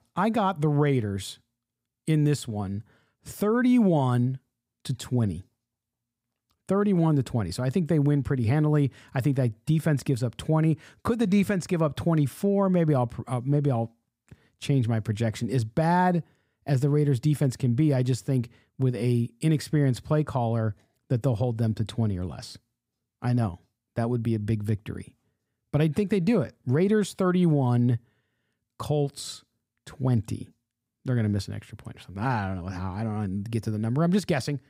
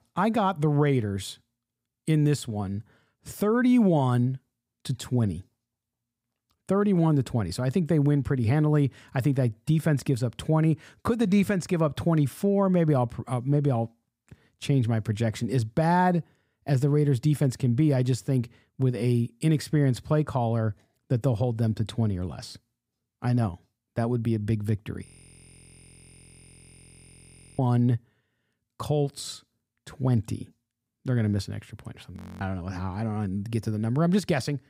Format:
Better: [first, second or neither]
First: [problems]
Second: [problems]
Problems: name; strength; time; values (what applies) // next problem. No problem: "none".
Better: first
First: none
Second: audio freezing; at 25 s for 2.5 s and at 32 s